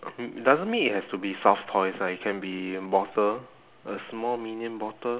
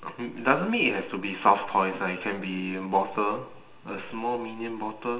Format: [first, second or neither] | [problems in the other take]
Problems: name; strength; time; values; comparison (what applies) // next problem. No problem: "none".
first | room echo; dies away in 0.8 s